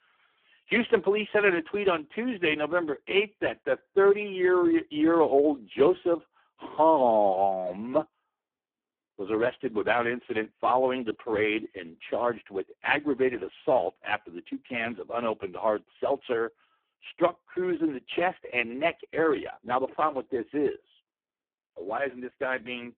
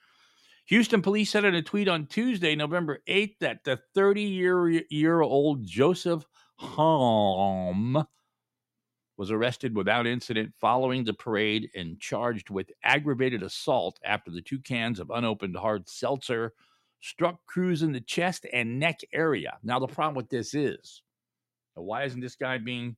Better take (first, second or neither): second